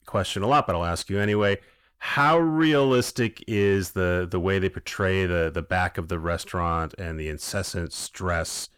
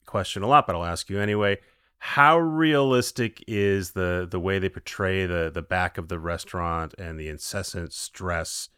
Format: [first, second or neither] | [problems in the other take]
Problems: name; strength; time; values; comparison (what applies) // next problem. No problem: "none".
second | distortion; slight; 10 dB below the speech